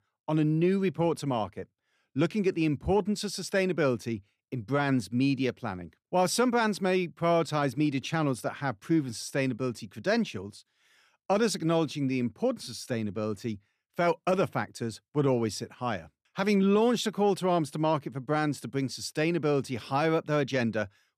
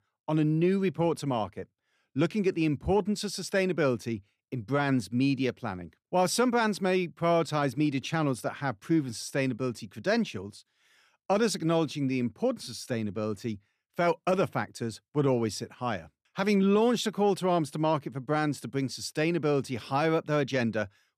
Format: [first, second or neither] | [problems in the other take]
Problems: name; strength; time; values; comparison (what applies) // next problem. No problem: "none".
neither | none